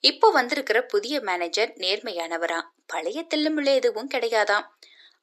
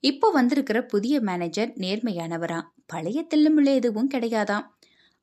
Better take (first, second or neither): second